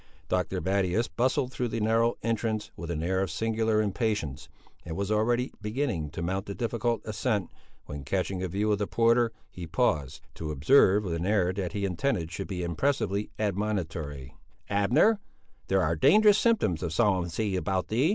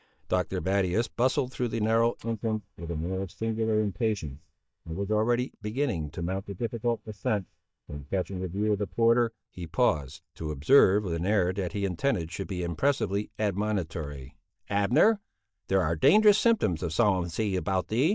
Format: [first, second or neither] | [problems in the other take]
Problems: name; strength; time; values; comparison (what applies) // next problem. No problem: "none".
first | noise reduction (neural mask model DeepFilterNet 3)